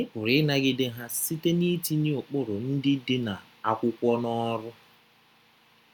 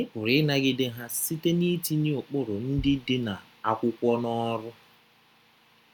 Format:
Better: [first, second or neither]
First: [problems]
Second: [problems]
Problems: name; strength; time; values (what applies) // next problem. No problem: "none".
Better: first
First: none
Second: background sound (Bass drum); 16 dB below the speech